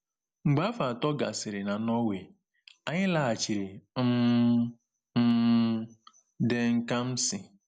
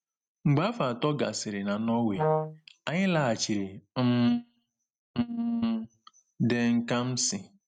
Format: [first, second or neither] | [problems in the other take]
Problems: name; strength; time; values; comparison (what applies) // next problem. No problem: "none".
first | noise reduction (neural mask model RNNoise)